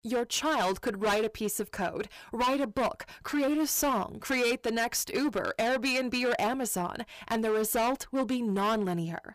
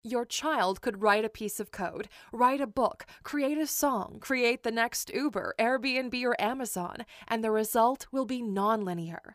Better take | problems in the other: second | distortion; heavy; 15% of the sound clipped

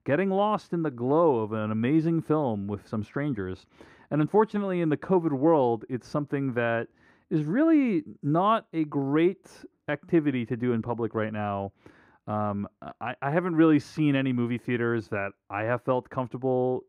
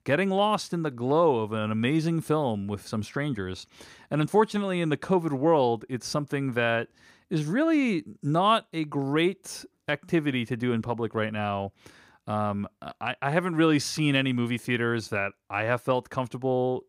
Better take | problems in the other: second | muffled; slightly; fading above 3 kHz

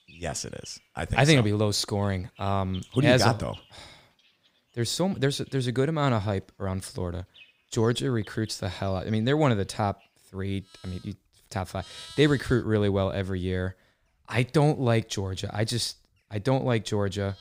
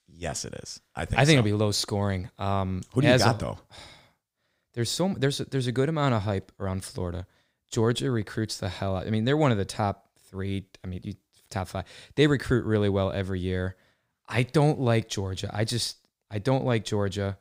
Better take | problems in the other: second | animal sounds; faint; throughout; 25 dB below the speech

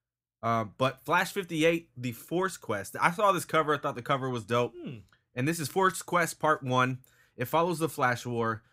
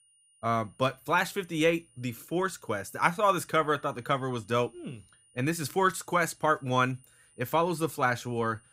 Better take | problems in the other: first | high-pitched whine; faint; throughout; 9.5 kHz, 30 dB below the speech

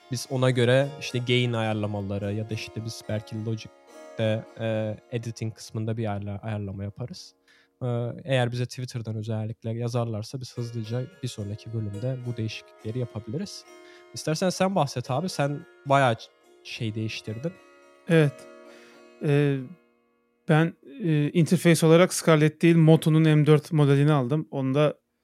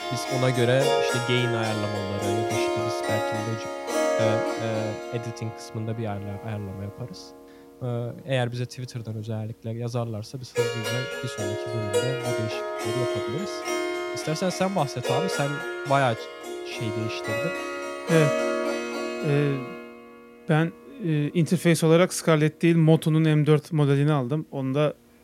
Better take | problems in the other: first | background music; loud; throughout; 2 dB below the speech; faint in the first

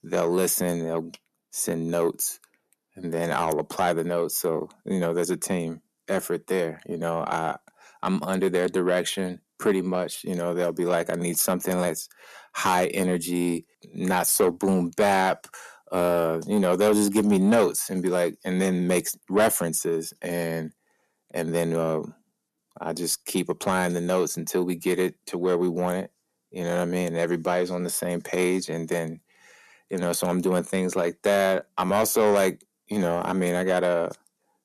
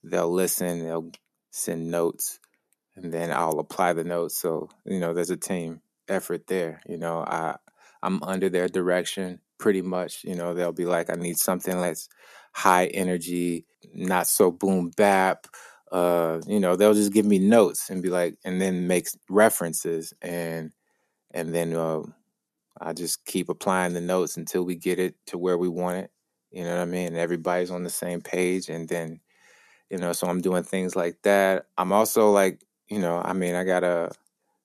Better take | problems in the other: second | distortion; slight; 10 dB below the speech

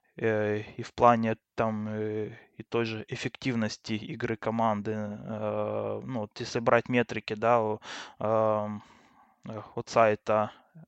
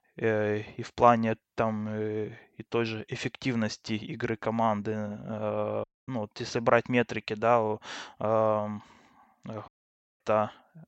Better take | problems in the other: first | audio cutting out; at 6 s and at 9.5 s for 0.5 s

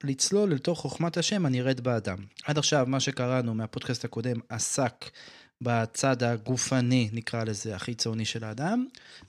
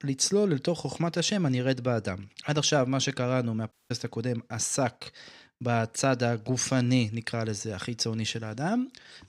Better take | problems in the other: first | audio cutting out; at 3.5 s

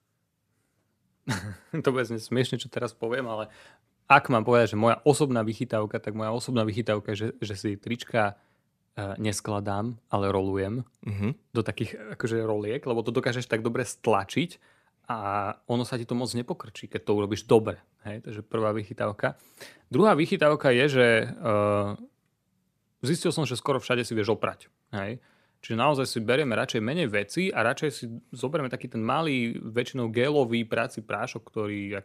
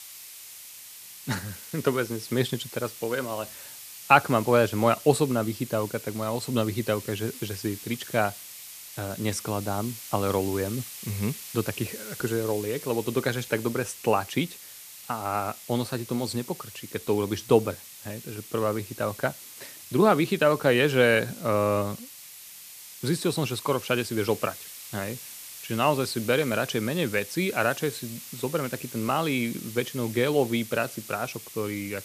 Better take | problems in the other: first | hiss; noticeable; throughout; 15 dB below the speech

